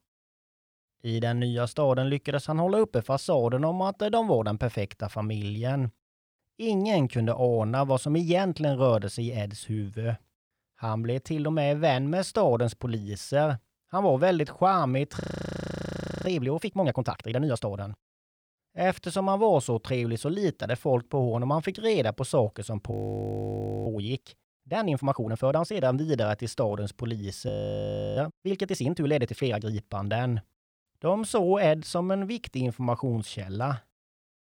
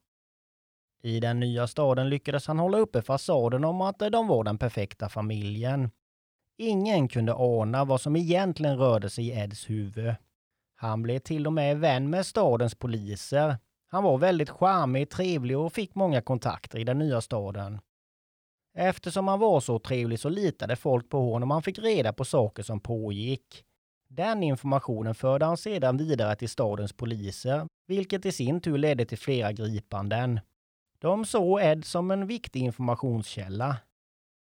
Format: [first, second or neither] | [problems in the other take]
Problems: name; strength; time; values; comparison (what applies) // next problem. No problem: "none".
second | audio freezing; at 15 s for 1 s, at 23 s for 1 s and at 27 s for 0.5 s